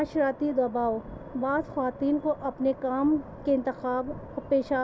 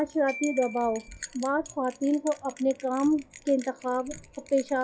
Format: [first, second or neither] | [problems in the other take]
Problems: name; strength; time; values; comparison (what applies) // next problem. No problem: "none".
first | noise reduction (classical method log-MMSE)